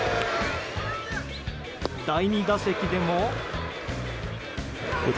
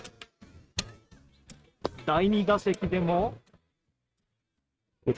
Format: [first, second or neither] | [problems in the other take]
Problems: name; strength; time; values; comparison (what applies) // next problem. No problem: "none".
first | noise reduction (neural mask model RNNoise)